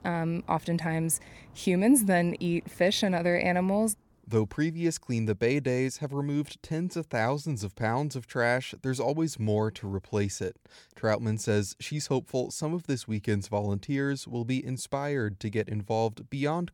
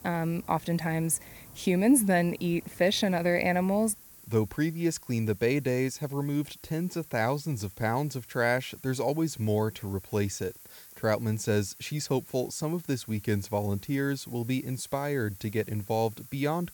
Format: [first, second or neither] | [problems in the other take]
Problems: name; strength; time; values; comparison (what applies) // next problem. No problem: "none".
first | hiss; noticeable; throughout; 20 dB below the speech